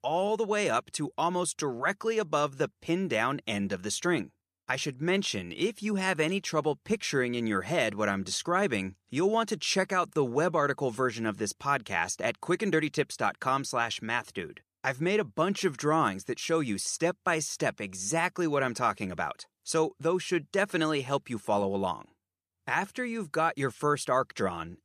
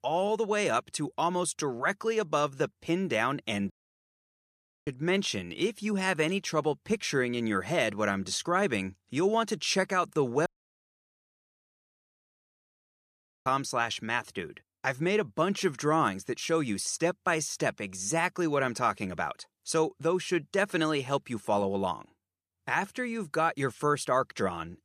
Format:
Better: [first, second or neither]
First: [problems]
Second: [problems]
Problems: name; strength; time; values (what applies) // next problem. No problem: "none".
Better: first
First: none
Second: audio cutting out; at 3.5 s for 1 s and at 10 s for 3 s